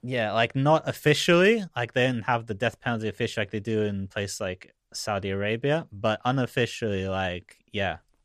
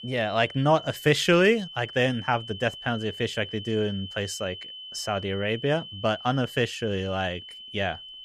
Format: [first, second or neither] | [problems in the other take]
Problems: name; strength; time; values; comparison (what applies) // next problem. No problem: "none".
first | high-pitched whine; noticeable; throughout; 3 kHz, 15 dB below the speech